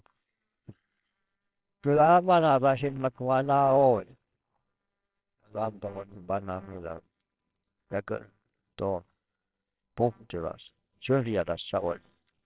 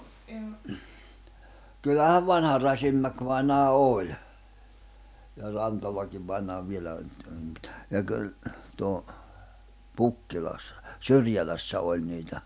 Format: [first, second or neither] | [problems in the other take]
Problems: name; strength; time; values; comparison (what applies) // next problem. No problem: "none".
second | noise reduction (neural separator model SepFormer WHAMR!)